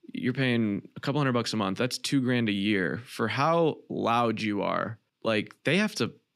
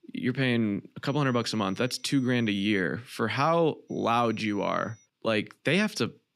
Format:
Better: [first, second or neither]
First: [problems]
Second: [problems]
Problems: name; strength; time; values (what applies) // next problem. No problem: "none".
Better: first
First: none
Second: high-pitched whine; faint; from 1 to 3 s and from 4 to 5 s; 6 kHz, 30 dB below the speech